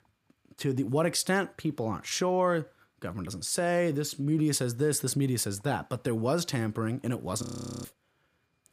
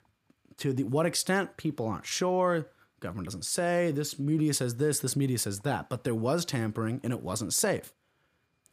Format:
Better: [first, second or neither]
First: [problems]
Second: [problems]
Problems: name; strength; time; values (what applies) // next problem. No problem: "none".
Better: second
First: audio freezing; at 7.5 s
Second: none